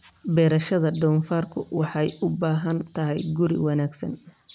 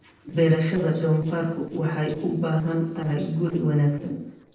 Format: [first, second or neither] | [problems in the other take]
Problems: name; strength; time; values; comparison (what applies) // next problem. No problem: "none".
first | noise reduction (neural separator model SepFormer DNS4)